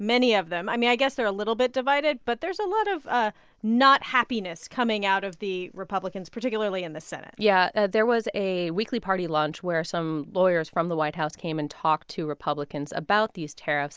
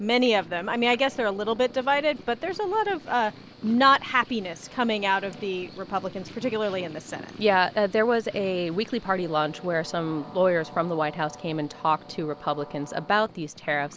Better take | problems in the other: first | background sound (Purr + Train); 19 dB below the speech

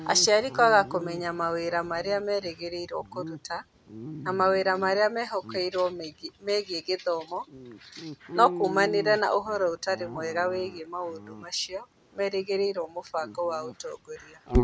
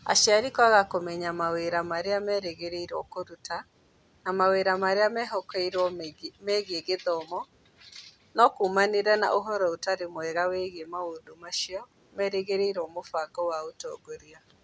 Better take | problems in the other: second | background sound (Dog); 10 dB below the speech

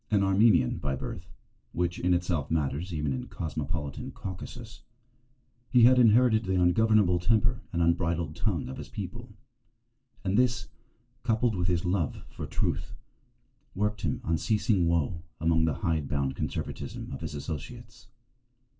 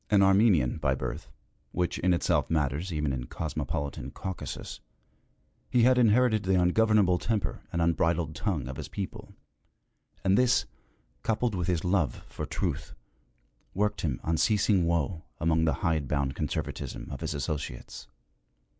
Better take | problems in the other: second | room echo; dies away in 0.2 s

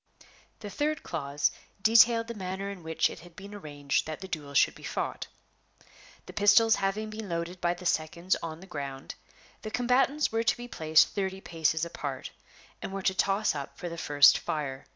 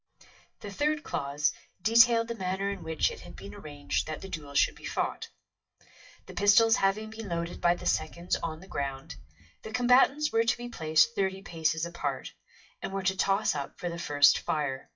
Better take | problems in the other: first | noise reduction (classical method WPE with log-MMSE)

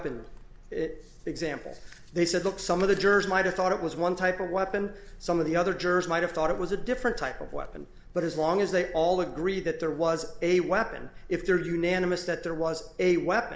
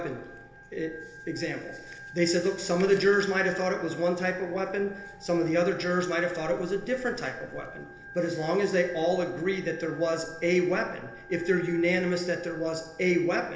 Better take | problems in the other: first | background sound (Organ); 19 dB below the speech // room echo; dies away in 1.4 s

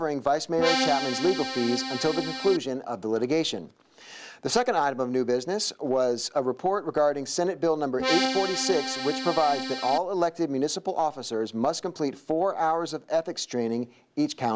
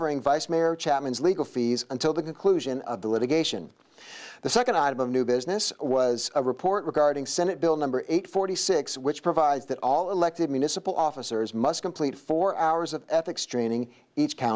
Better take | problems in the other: second | background sound (Accordion); 3 dB below the speech

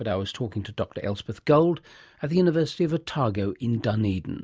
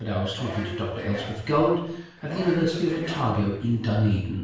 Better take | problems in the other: first | background sound (Subway, metro, underground); 12 dB below the speech // room echo; dies away in 0.7 s

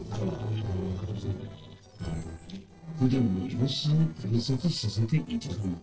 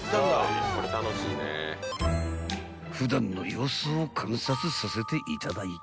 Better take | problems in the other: second | noise reduction (neural separator model SepFormer DNS4)

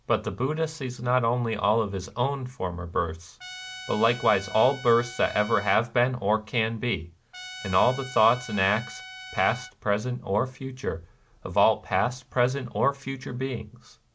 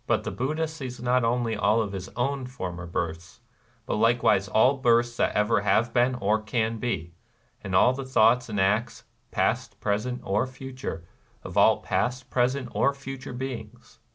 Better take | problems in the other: second | background sound (Trumpet); 15 dB below the speech

